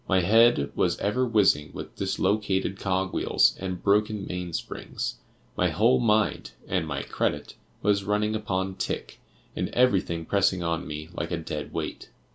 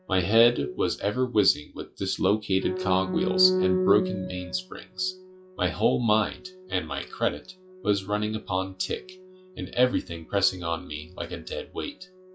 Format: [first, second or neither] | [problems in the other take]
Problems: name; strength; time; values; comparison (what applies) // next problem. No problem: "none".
first | noise reduction (classical method log-MMSE)